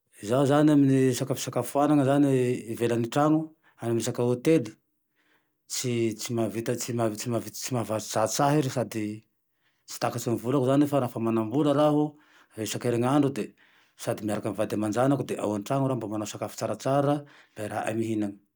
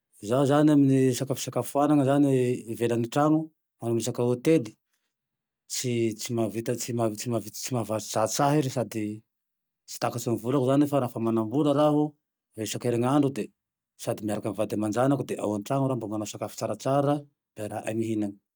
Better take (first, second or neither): first